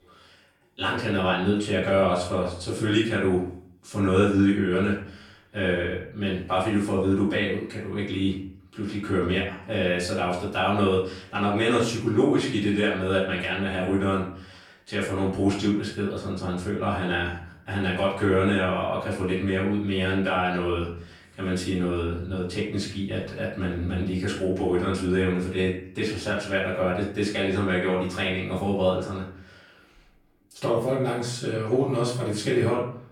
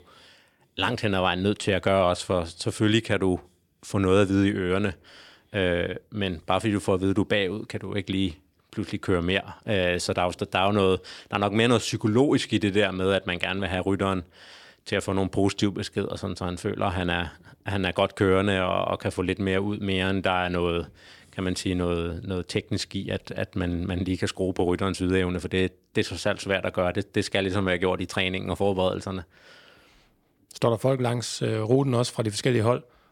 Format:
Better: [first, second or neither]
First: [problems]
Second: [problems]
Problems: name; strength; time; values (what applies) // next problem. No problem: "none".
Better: second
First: off-mic speech; far // room echo; noticeable; dies away in 0.5 s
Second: none